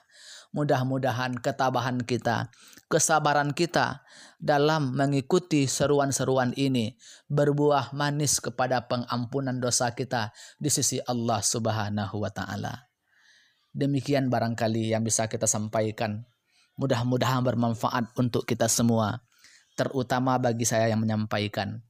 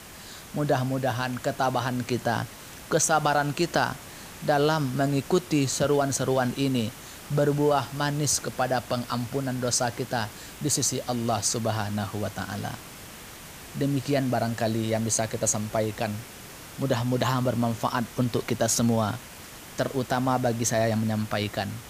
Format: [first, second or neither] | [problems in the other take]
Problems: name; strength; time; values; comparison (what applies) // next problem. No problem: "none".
first | hiss; noticeable; throughout; 15 dB below the speech